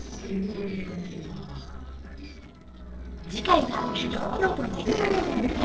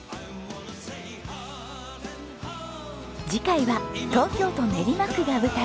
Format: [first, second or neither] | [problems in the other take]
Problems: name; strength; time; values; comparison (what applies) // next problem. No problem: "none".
second | noise reduction (neural separator model SepFormer DNS4)